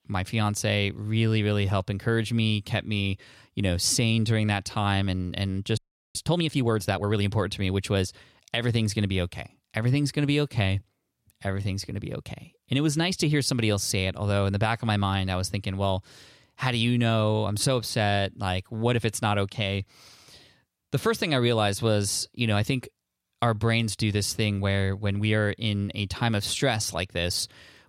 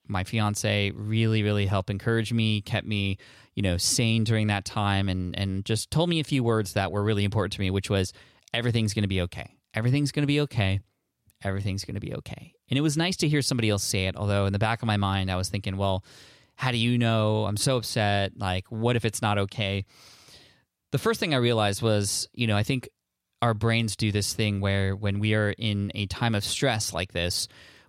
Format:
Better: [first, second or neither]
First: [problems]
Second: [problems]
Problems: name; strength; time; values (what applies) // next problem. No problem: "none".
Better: second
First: audio freezing; at 6 s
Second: none